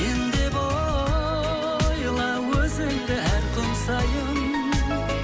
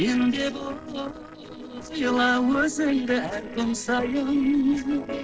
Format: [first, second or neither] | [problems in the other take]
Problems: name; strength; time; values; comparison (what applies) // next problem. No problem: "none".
first | noise reduction (neural separator model SepFormer DNS4)